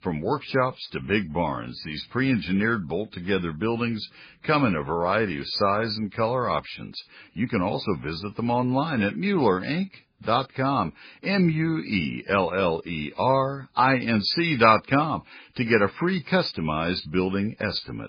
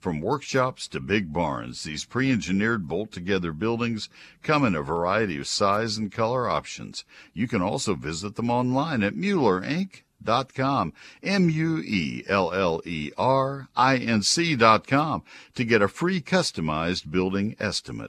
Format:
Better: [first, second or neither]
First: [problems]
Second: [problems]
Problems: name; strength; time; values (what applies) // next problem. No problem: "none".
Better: second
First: garbled, watery; badly; nothing above 5 kHz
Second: none